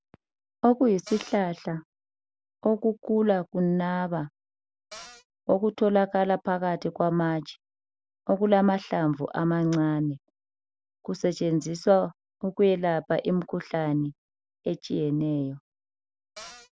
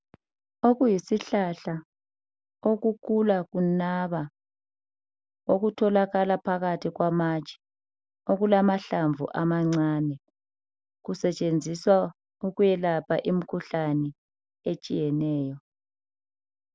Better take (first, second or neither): second